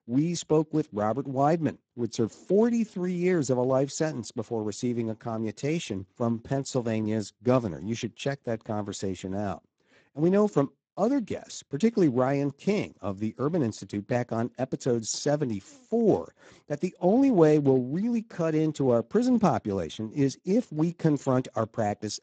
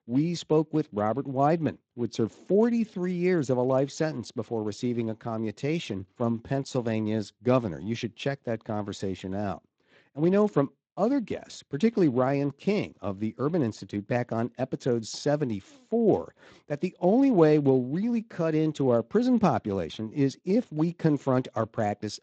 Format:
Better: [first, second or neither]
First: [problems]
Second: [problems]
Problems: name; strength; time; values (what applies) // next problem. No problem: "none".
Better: second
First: garbled, watery; badly; nothing above 7.5 kHz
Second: garbled, watery; slightly; nothing above 7.5 kHz